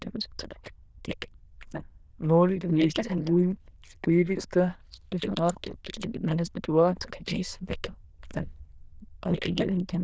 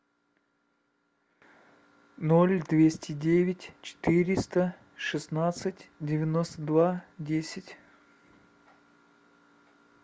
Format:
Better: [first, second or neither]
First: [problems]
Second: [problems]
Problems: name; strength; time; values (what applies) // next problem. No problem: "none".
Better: second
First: noise reduction (neural diffusion model UNIVERSE++)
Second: none